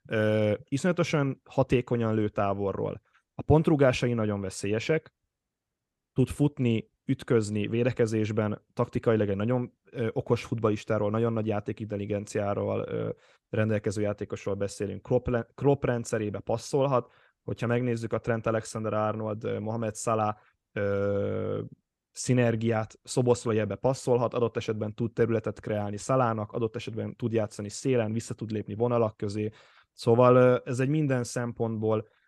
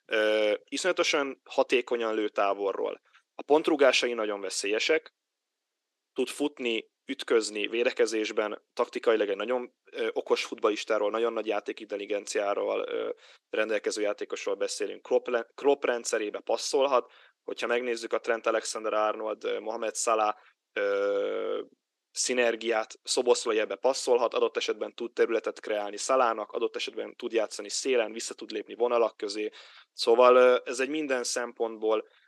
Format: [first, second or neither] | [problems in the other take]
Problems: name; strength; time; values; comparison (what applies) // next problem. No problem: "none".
first | thin; somewhat; fading below 300 Hz